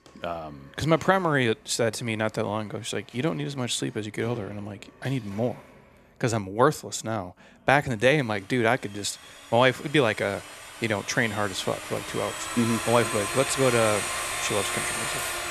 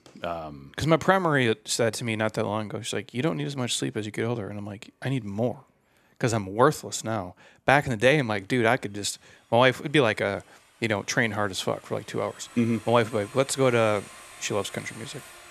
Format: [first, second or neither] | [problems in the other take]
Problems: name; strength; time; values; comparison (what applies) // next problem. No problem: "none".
second | household noises; loud; throughout; 5 dB below the speech; faint in the second